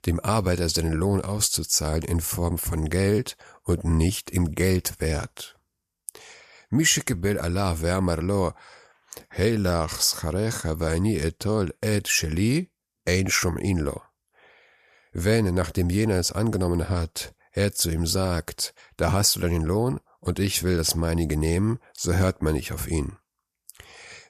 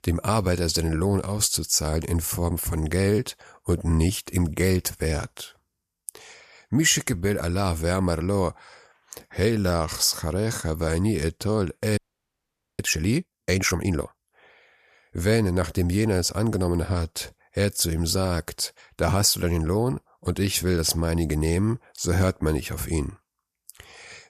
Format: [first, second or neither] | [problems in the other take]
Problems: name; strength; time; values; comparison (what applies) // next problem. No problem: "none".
first | audio freezing; at 12 s for 1 s